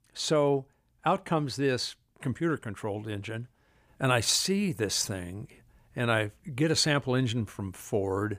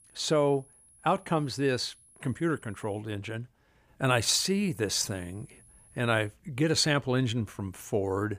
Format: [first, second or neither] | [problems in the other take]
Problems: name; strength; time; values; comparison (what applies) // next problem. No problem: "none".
first | high-pitched whine; faint; until 3 s and from 4 to 6.5 s; 10.5 kHz, 25 dB below the speech